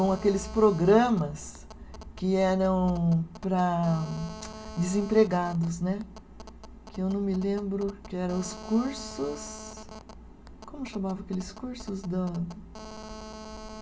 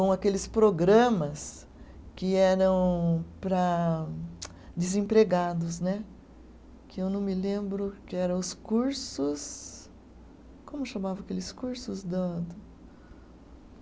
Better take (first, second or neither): second